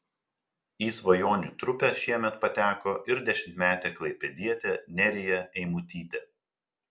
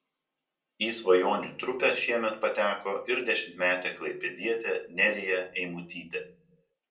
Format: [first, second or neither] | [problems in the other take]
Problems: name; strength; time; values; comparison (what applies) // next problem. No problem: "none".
first | room echo; dies away in 0.2 s